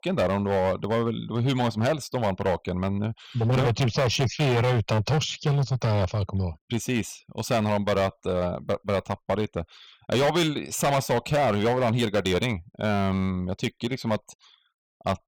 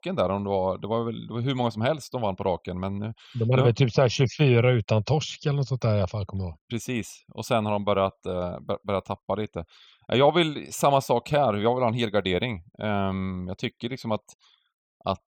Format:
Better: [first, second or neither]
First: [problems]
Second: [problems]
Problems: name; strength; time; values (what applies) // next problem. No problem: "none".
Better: second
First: distortion; heavy; 13% of the sound clipped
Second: none